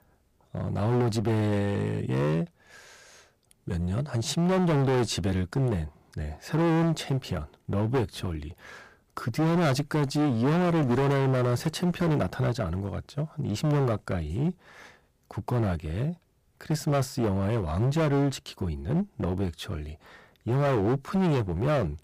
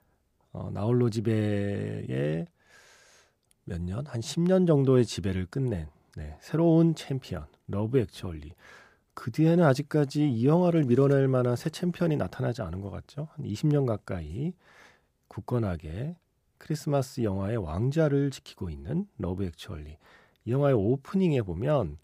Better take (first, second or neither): second